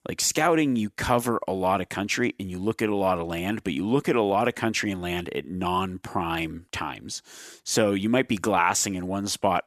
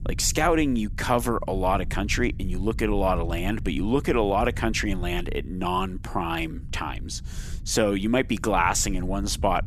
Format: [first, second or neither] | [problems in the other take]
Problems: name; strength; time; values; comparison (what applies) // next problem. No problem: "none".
first | low rumble; faint; throughout; 25 dB below the speech